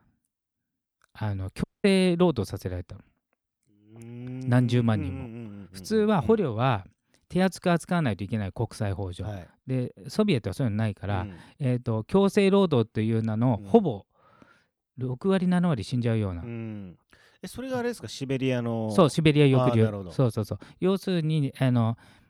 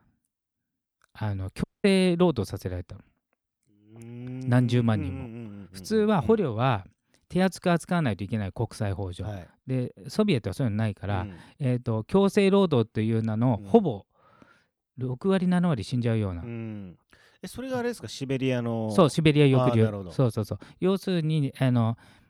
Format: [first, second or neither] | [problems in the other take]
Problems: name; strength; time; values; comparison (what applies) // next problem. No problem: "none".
neither | audio cutting out; at 1.5 s; the same in both